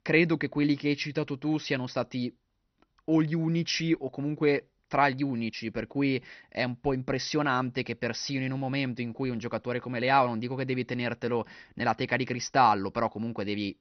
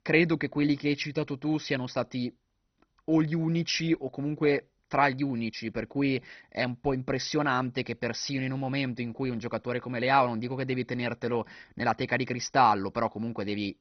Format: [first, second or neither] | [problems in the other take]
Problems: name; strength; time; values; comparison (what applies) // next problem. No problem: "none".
first | garbled, watery; badly; nothing above 6 kHz; slightly in the first